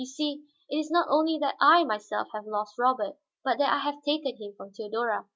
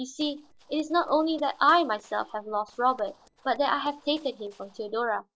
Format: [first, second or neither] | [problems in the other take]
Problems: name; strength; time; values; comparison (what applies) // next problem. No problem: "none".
first | noise reduction (neural separator model SepFormer DNS4)